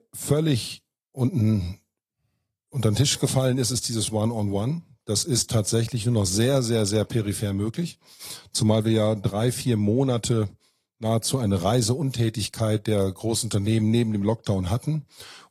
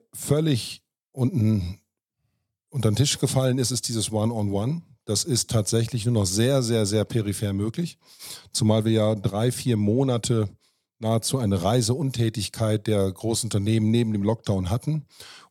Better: second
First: garbled, watery; slightly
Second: none

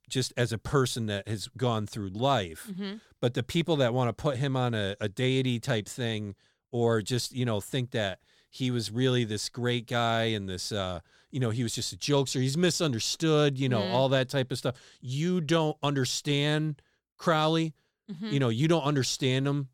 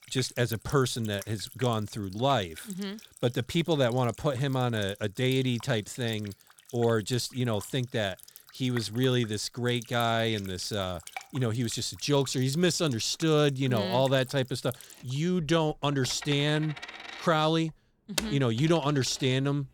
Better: first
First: none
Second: household noises; noticeable; throughout; 15 dB below the speech

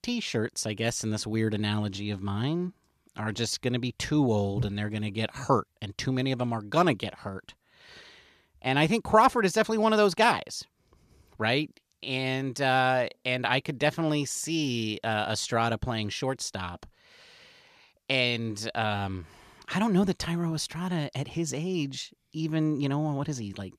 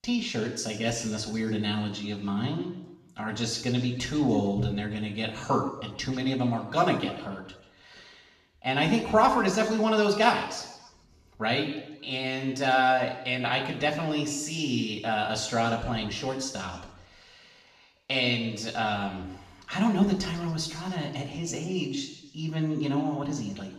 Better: first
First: none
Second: room echo; noticeable; dies away in 1 s // off-mic speech; far

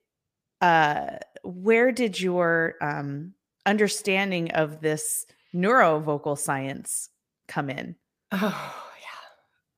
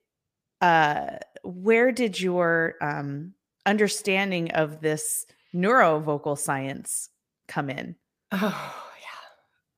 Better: neither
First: none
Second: none

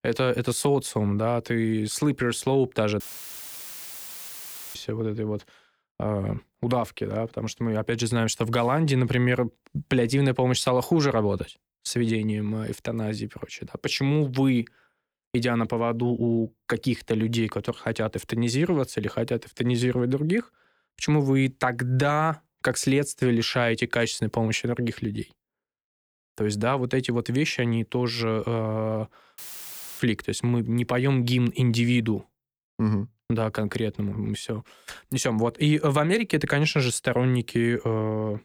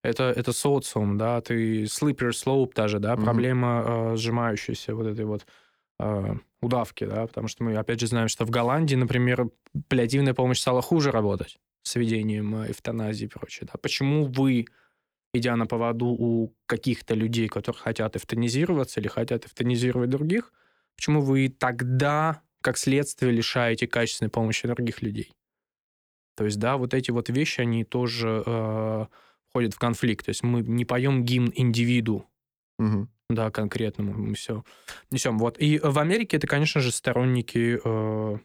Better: second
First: audio cutting out; filled with static; at 3 s for 2 s and at 29 s for 0.5 s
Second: none

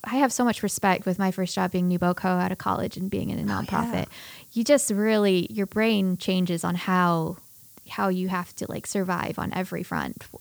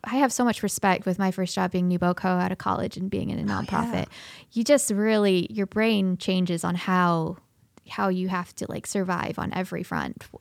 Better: second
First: hiss; faint; throughout; 20 dB below the speech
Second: none

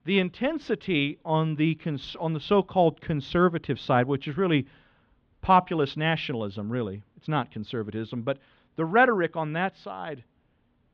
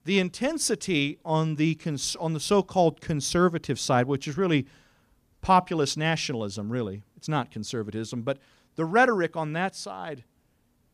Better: second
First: muffled; very; fading above 3.5 kHz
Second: none

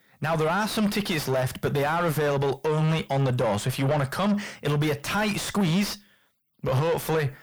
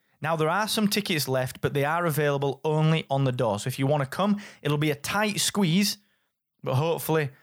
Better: second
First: distortion; heavy; 7 dB below the speech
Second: none

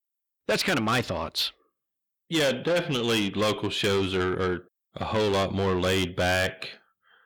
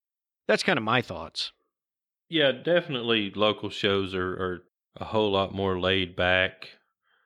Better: second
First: distortion; heavy; 6 dB below the speech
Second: none

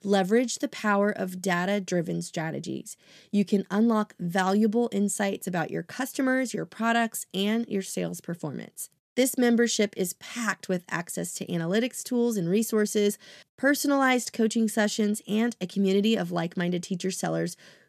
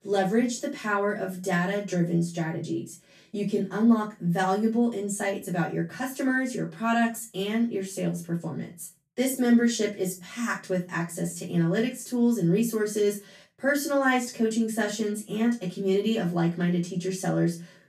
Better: first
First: none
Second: off-mic speech; far // room echo; slight; dies away in 0.3 s

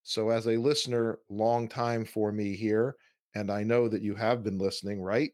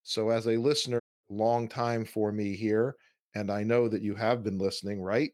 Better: first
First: none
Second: audio cutting out; at 1 s

